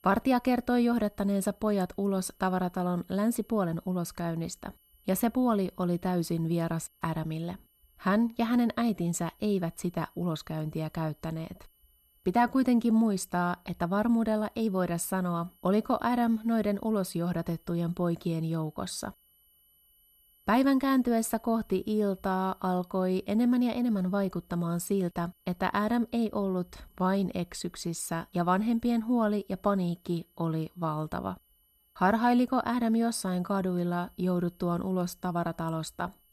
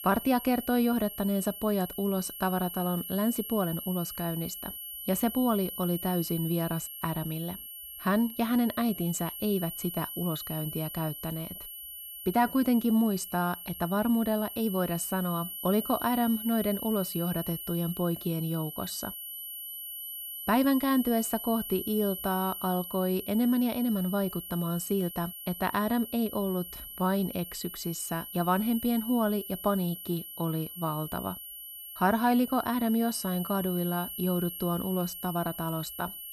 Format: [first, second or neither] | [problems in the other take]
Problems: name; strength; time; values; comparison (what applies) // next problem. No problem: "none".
first | high-pitched whine; loud; throughout; 11.5 kHz, 8 dB below the speech; faint in the first